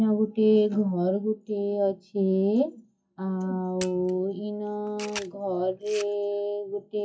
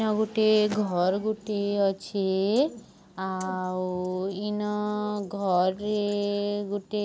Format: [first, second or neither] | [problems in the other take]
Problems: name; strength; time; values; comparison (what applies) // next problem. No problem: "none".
second | noise reduction (classical method WPE with log-MMSE)